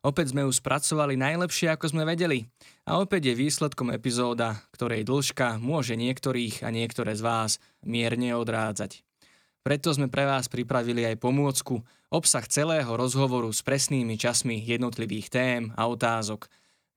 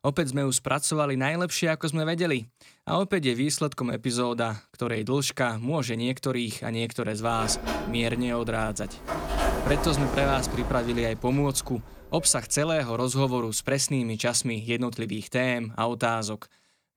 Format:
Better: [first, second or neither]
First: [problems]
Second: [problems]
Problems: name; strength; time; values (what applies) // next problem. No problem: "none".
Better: first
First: none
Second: door banging; noticeable; from 7.5 to 12 s; peak level with the speech